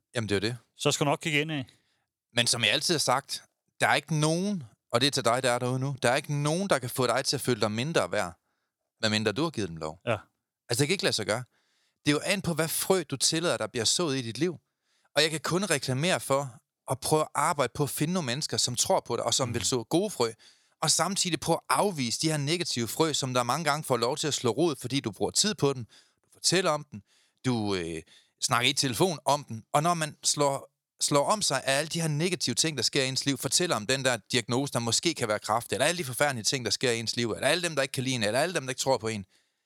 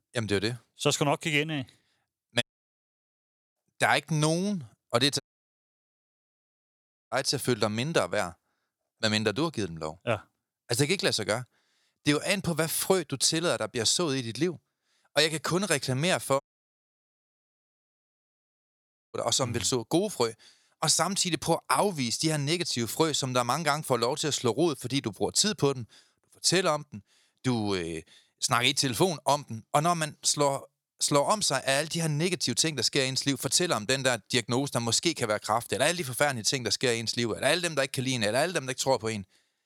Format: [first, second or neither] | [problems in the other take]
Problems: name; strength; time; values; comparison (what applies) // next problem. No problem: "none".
first | audio cutting out; at 2.5 s for 1 s, at 5 s for 2 s and at 16 s for 2.5 s